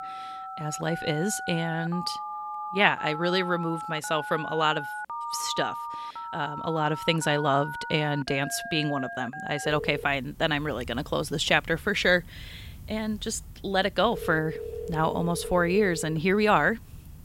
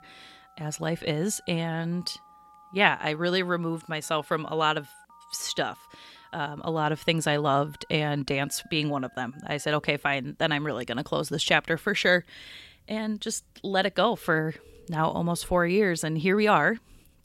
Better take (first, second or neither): second